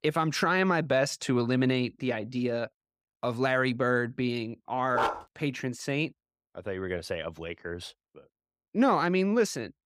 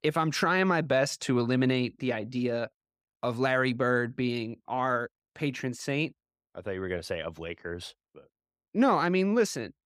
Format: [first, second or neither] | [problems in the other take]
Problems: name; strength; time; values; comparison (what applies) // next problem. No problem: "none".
second | dog barking; noticeable; at 5 s; peak 2 dB below the speech